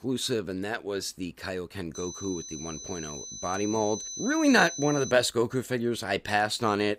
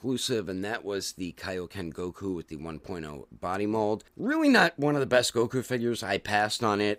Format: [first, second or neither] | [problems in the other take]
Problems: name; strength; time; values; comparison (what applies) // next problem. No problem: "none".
second | high-pitched whine; loud; from 2 to 5 s; 6 kHz, 9 dB below the speech